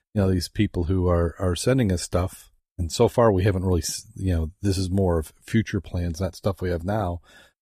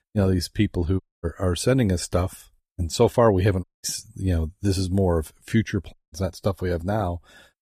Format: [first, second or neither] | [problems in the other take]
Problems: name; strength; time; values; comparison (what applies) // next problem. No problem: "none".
first | audio cutting out; at 1 s, at 3.5 s and at 6 s